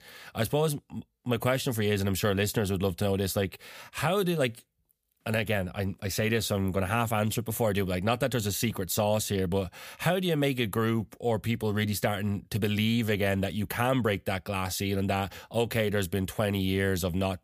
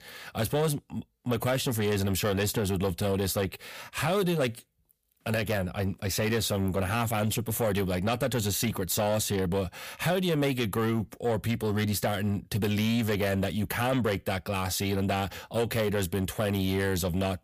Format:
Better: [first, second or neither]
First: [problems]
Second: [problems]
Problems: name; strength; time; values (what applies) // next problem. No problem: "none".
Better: first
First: none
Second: distortion; slight; 10 dB below the speech